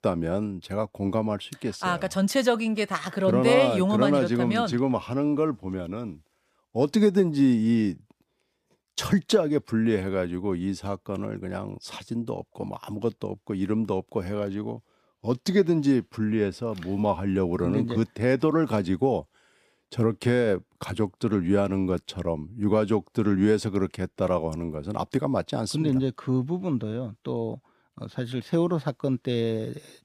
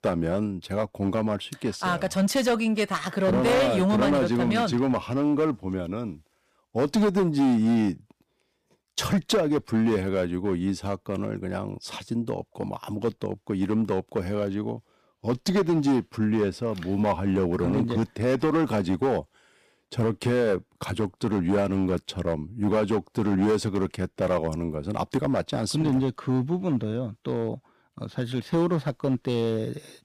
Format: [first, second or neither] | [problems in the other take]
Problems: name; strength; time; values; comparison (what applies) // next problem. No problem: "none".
first | distortion; slight; 8% of the sound clipped